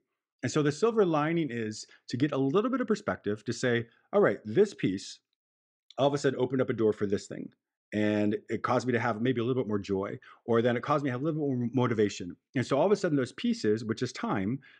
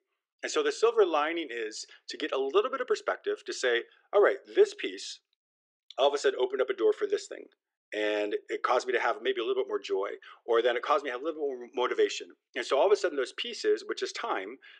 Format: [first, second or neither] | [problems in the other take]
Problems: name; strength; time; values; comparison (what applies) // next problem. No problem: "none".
first | thin; very; fading below 400 Hz